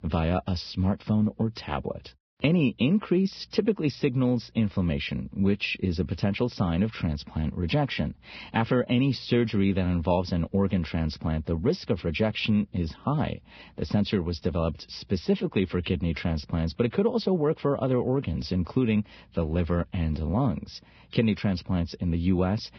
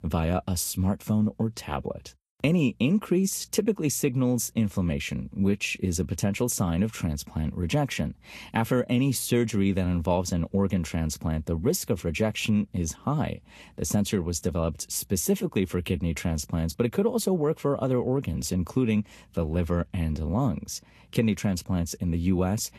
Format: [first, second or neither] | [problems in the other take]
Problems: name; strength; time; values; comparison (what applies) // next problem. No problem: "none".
second | garbled, watery; badly; nothing above 5.5 kHz; slightly in the second